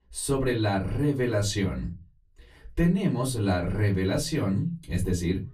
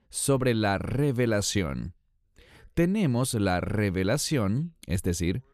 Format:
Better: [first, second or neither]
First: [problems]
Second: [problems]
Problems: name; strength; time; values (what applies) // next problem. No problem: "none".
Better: second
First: off-mic speech; far // room echo; very slight; dies away in 0.2 s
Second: none